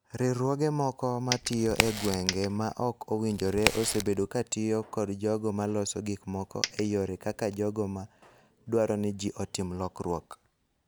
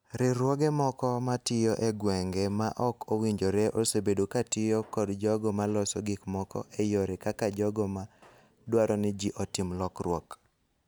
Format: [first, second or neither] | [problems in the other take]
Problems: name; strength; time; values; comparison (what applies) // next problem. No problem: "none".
second | background sound (Coin (dropping) + Crack); 3 dB below the speech